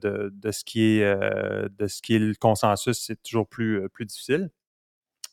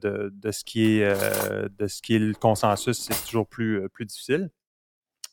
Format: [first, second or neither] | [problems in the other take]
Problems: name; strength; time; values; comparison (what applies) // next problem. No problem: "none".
first | clattering dishes; noticeable; from 1 to 3.5 s; peak 4 dB below the speech